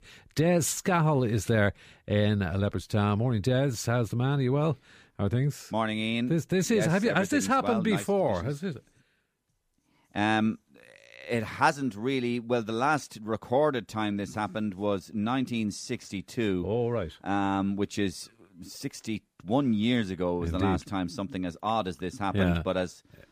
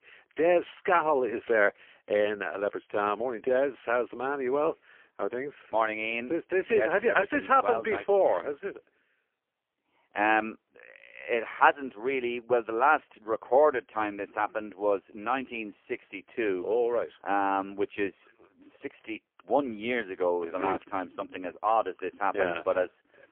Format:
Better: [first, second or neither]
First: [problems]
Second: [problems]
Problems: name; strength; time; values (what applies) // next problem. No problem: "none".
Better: first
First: none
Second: phone-call audio; poor line